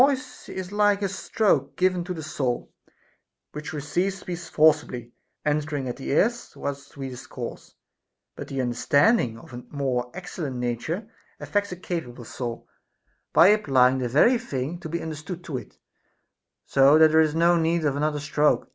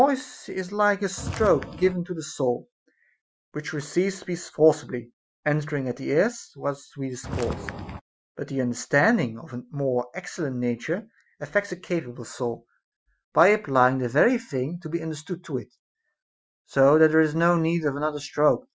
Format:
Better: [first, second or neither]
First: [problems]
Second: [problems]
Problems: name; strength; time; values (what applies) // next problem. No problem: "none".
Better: first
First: none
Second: noise reduction (classical method Wiener filter)